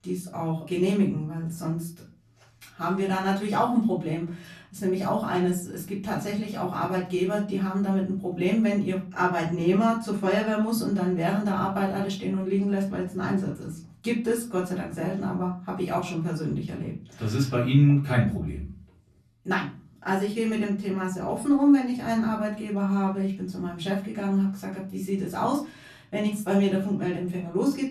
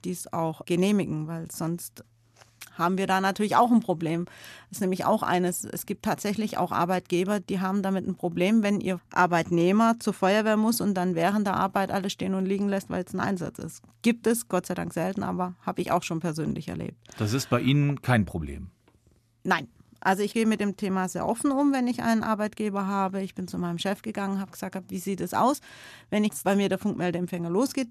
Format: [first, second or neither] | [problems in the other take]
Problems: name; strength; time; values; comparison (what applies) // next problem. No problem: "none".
second | off-mic speech; far // room echo; slight; dies away in 0.4 s